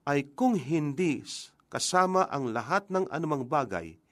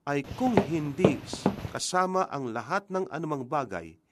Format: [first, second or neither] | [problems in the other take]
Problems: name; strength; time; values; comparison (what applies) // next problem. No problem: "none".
first | footsteps; loud; until 1.5 s; peak 3 dB above the speech